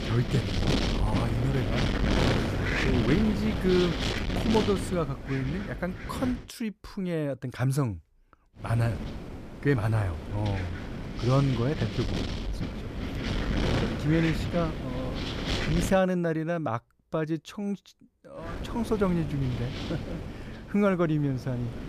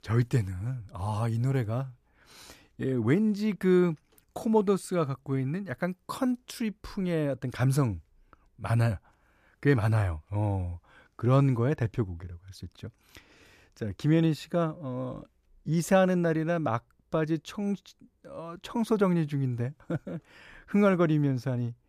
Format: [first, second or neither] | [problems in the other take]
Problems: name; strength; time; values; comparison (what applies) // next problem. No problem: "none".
second | wind noise on the microphone; heavy; until 6.5 s, from 8.5 to 16 s and from 18 s on; 2 dB below the speech